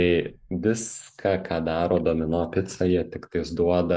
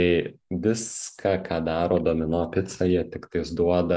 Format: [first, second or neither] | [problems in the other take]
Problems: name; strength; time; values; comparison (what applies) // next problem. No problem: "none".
second | noise reduction (neural mask model Resemble Enhance denoiser)